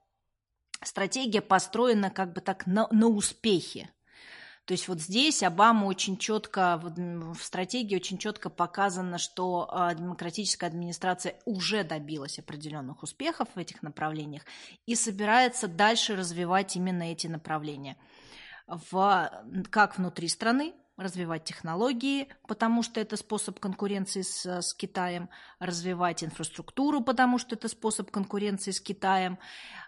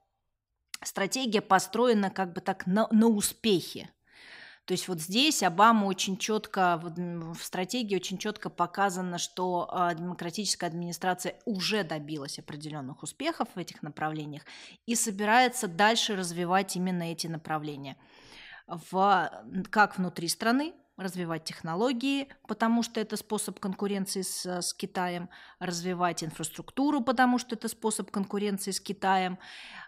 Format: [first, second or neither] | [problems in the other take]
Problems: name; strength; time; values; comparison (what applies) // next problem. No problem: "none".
second | garbled, watery; slightly; nothing above 11 kHz